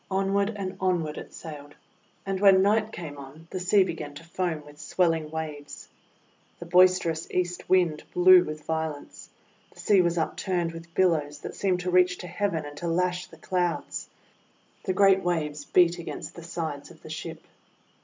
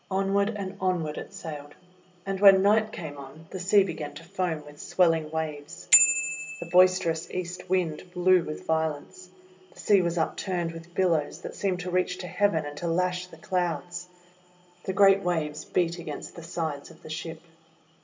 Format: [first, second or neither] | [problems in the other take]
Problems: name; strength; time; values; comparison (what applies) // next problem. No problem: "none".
first | background sound (Bicycle bell); 3 dB below the speech // room echo; dies away in 1.6 s